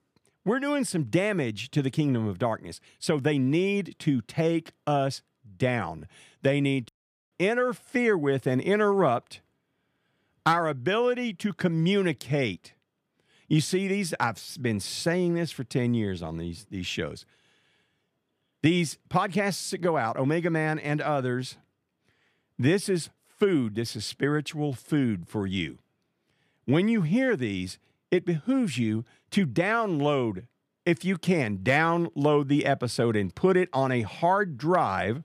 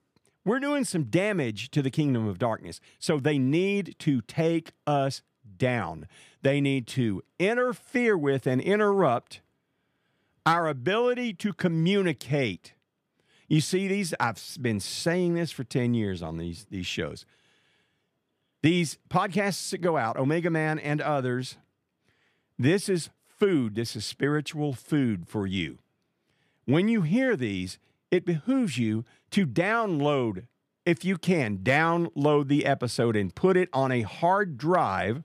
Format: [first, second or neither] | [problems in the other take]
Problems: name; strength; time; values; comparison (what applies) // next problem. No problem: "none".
second | audio cutting out; at 7 s